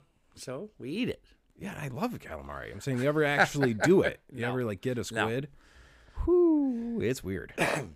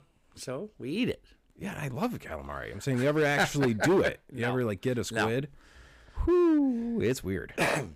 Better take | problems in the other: first | distortion; slight; 5% of the sound clipped

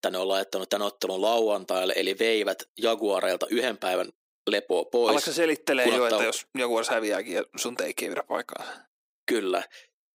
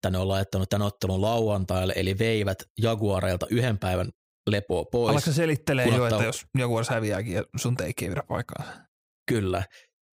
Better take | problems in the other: second | thin; somewhat; fading below 300 Hz

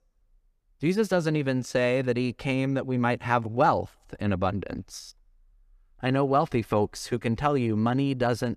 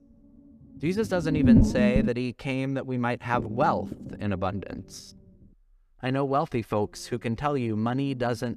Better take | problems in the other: first | low rumble; loud; until 2 s, from 3.5 to 5.5 s and from 7 s on; 3 dB below the speech

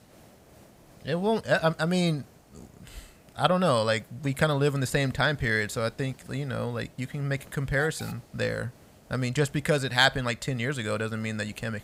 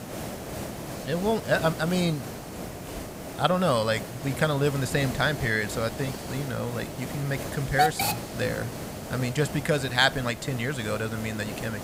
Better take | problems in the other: first | hiss; loud; throughout; 7 dB below the speech; faint in the first

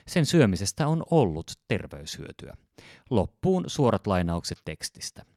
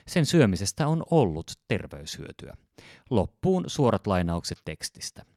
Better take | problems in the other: neither | none

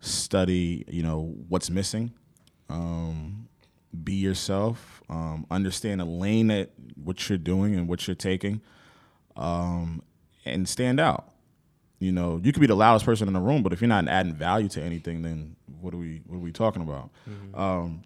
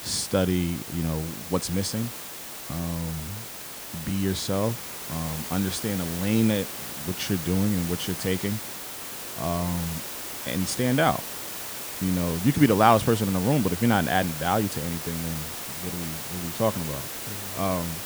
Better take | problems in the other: first | hiss; loud; throughout; 7 dB below the speech

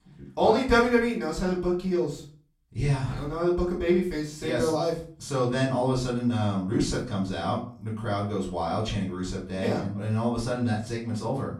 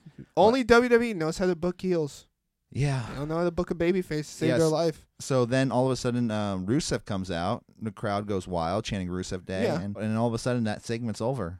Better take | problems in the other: second | off-mic speech; far // room echo; slight; dies away in 0.3 s

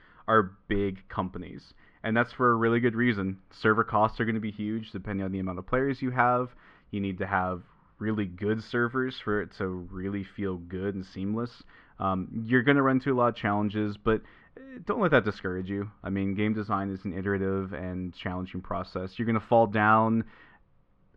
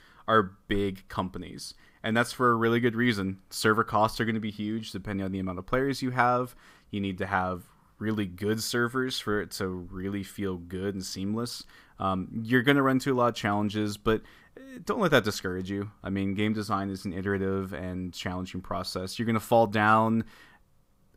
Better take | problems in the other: second | muffled; very; fading above 2.5 kHz

